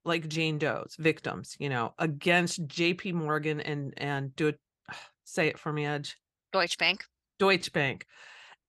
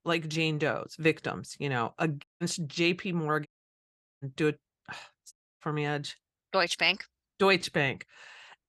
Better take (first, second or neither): first